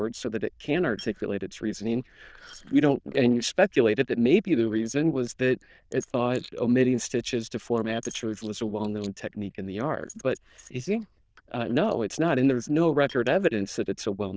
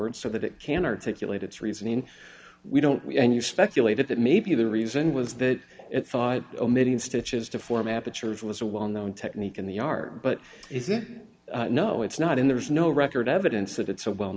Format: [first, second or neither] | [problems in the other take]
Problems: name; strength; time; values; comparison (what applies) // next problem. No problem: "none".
second | noise reduction (neural diffusion model UNIVERSE++)